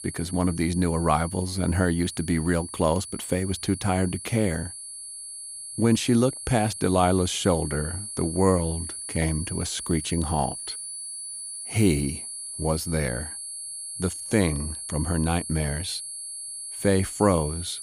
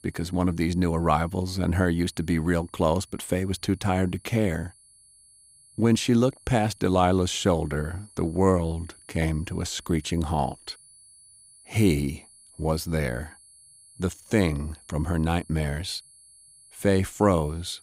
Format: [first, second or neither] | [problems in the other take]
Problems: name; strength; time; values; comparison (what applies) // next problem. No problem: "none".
second | high-pitched whine; loud; throughout; 10.5 kHz, 8 dB below the speech; faint in the second